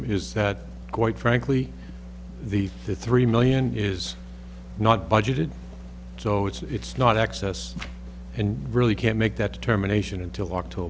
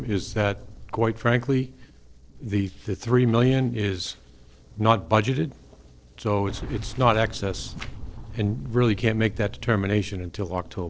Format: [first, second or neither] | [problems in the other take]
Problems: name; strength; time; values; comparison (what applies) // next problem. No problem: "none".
first | noise reduction (neural separator model SepFormer DNS4)